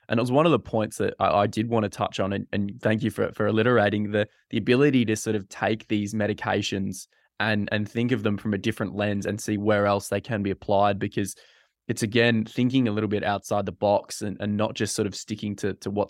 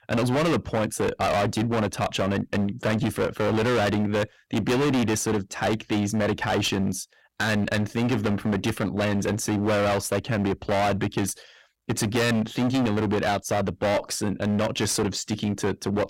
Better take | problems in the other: first | distortion; heavy; 27% of the sound clipped

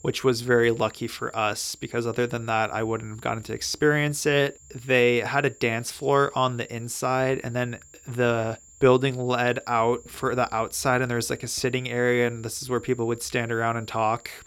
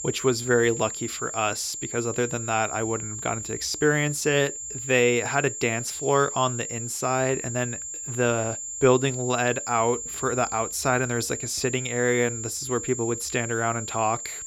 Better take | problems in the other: first | high-pitched whine; loud; throughout; 7.5 kHz, 6 dB below the speech; faint in the first

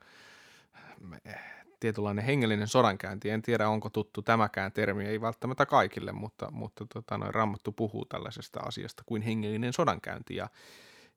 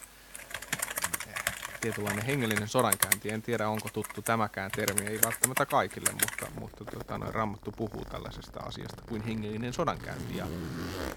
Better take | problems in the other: first | household noises; very loud; throughout; 2 dB above the speech

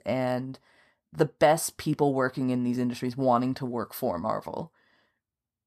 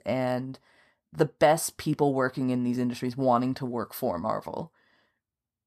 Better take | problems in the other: neither | none

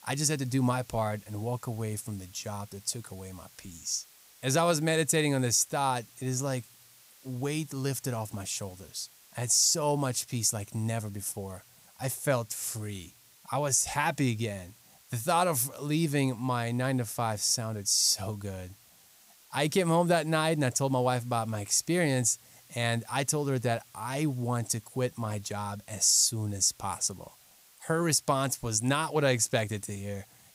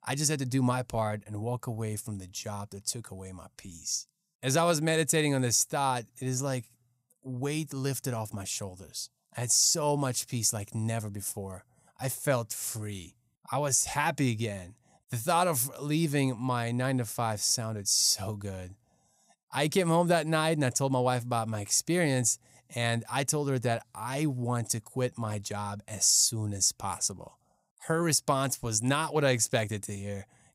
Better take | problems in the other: second | hiss; faint; throughout; 25 dB below the speech

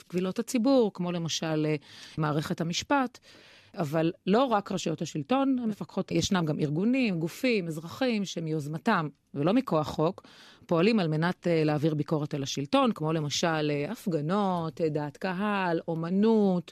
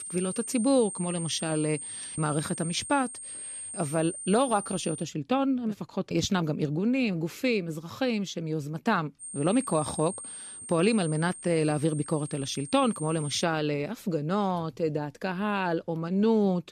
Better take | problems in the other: first | high-pitched whine; loud; until 5 s and from 9 to 13 s; 8.5 kHz, 9 dB below the speech

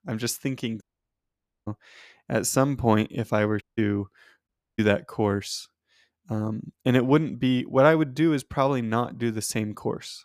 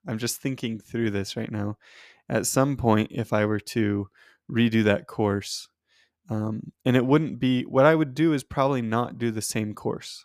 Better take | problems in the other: second | audio cutting out; at 1 s for 1 s, at 3.5 s and at 4.5 s

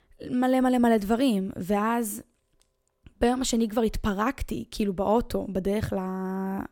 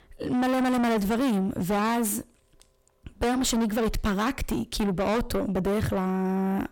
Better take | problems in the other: first | distortion; heavy; 6 dB below the speech

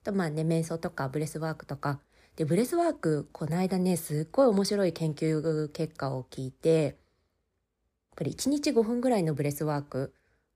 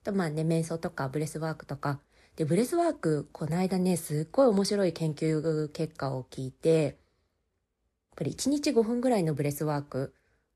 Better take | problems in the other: first | garbled, watery; slightly; nothing above 12 kHz

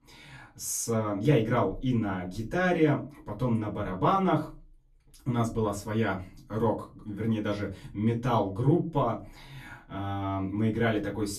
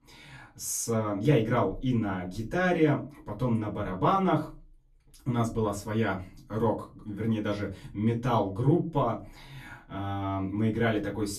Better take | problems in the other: neither | off-mic speech; far; the same in both // room echo; very slight; dies away in 0.3 s; the same in both

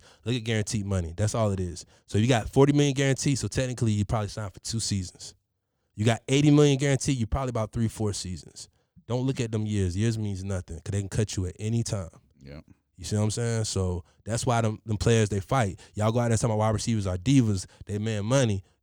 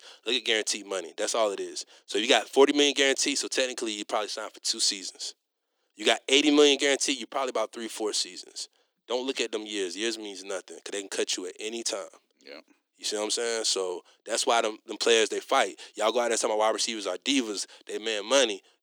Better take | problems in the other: first | thin; somewhat; fading below 300 Hz

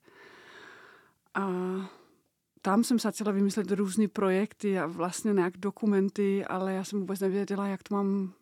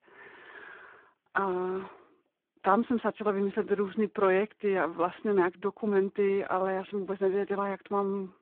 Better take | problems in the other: first | phone-call audio; poor line

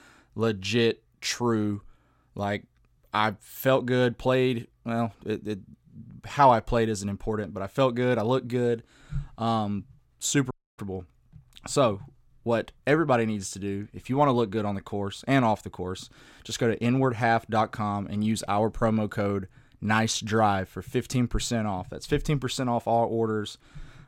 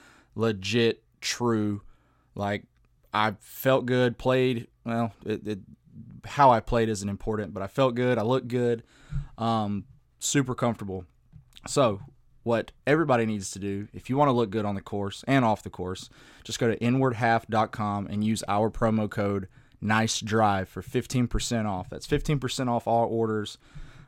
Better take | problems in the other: second | audio cutting out; at 11 s

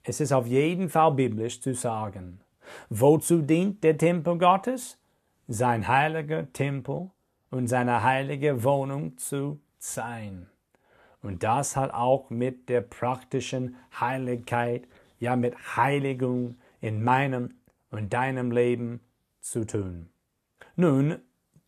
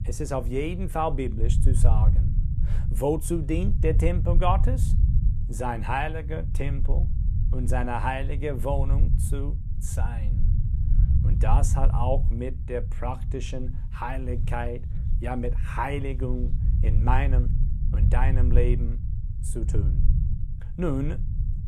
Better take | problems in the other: first | low rumble; noticeable; throughout; 10 dB below the speech

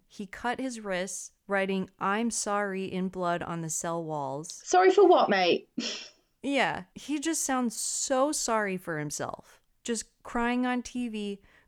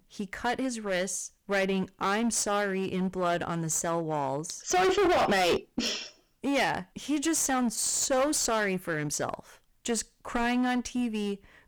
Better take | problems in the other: first | distortion; heavy; 12% of the sound clipped

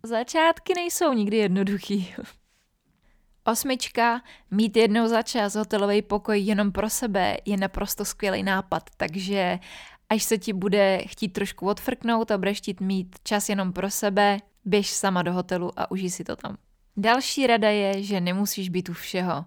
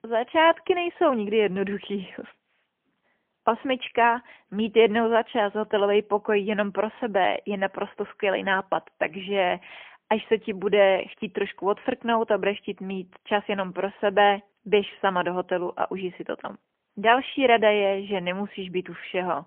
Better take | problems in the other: first | phone-call audio; poor line; nothing above 3.5 kHz

